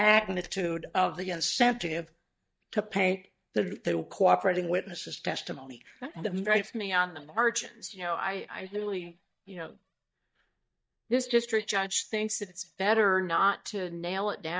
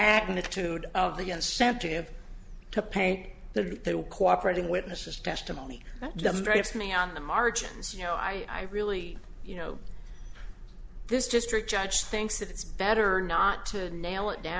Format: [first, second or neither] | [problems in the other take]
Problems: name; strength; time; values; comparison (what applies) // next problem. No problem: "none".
second | noise reduction (neural mask model DeepFilterNet 3)